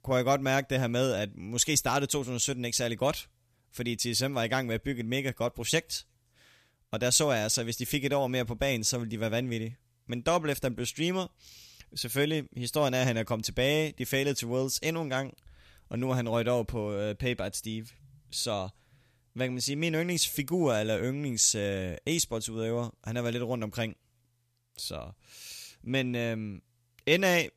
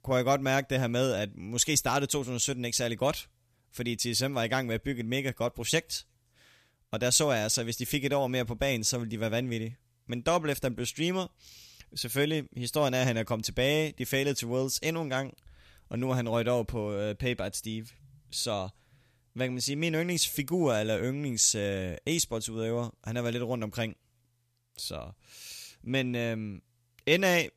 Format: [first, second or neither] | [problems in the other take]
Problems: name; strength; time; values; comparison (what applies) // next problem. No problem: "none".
neither | none